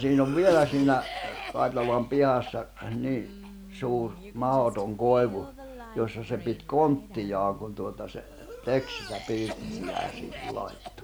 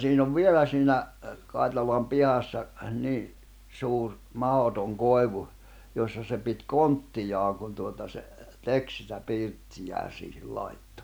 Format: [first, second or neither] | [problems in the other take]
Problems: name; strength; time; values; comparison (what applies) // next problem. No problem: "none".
second | background sound (Cough); 14 dB below the speech